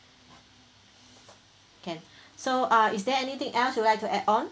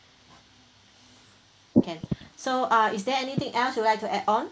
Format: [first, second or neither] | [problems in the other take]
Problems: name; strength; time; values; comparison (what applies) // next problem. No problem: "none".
first | noise reduction (neural mask model Resemble Enhance denoiser)